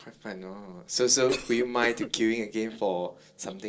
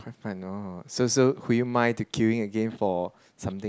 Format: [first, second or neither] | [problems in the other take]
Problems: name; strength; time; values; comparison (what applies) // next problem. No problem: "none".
second | noise reduction (neural separator model SepFormer DNS4)